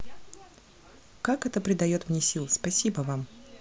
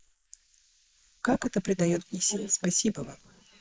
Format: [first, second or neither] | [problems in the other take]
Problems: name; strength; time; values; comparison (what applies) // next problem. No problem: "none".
first | noise reduction (neural mask model Resemble Enhance denoiser)